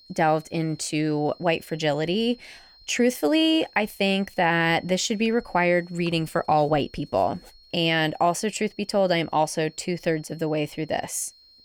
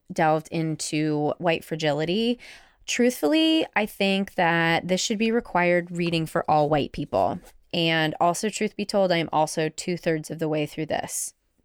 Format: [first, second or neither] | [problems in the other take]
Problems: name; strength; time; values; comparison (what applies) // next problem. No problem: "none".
second | high-pitched whine; faint; throughout; 4 kHz, 25 dB below the speech